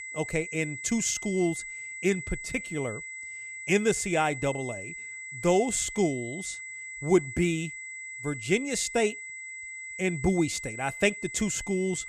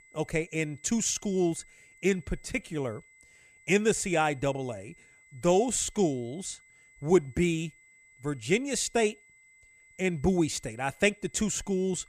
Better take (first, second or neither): second